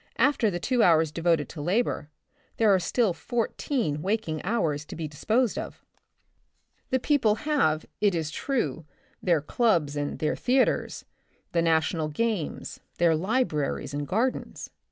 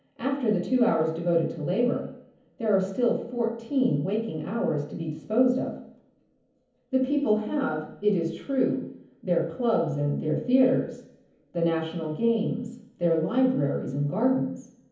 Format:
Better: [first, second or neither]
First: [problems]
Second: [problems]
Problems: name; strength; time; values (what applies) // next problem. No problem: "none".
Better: first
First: none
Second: room echo; dies away in 0.7 s